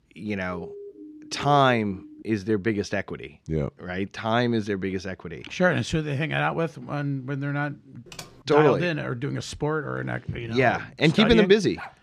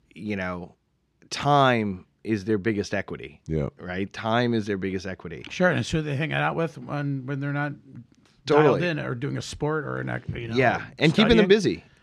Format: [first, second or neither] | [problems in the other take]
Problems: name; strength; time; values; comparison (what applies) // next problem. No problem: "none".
second | siren; faint; until 2 s; peak 15 dB below the speech // keyboard typing; faint; at 8 s; peak 15 dB below the speech // dog barking; very faint; at 11 s; peak 15 dB below the speech